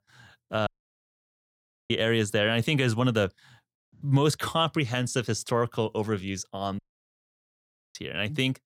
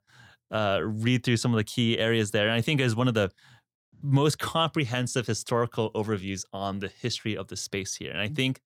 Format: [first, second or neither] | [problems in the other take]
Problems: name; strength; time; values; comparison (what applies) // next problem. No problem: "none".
second | audio cutting out; at 0.5 s for 1 s and at 7 s for 1 s